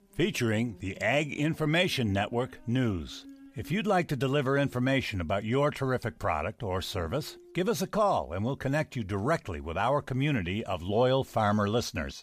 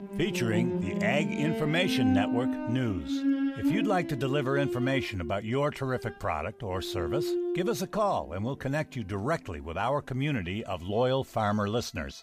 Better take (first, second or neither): first